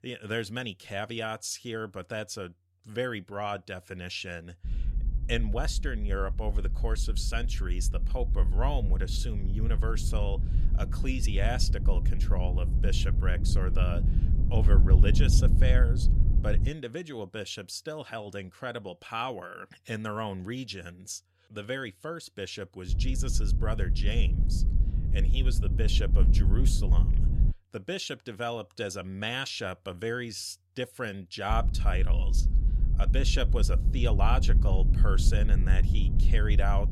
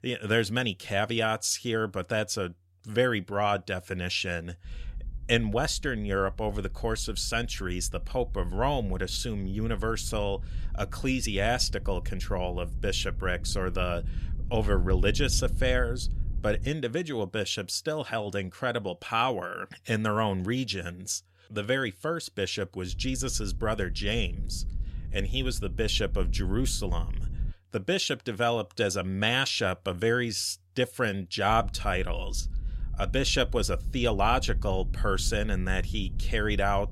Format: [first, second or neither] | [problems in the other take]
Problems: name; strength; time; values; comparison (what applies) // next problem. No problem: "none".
second | low rumble; loud; from 4.5 to 17 s, from 23 to 28 s and from 32 s on; 9 dB below the speech; faint in the second